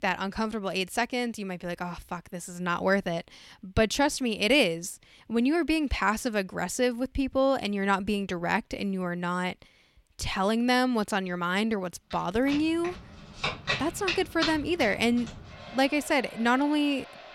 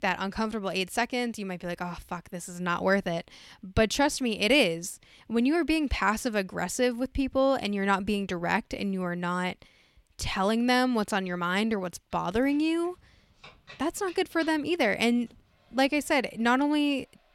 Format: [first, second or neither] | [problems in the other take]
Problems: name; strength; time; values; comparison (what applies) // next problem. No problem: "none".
second | household noises; loud; from 13 s on; 8 dB below the speech; faint in the second